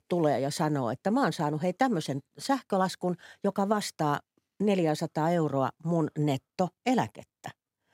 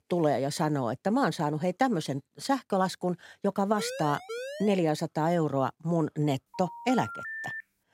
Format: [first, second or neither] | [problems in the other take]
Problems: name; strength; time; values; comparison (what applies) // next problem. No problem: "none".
first | siren; noticeable; from 4 to 5 s; peak 9 dB below the speech // phone ringing; noticeable; from 6.5 s on; peak 7 dB below the speech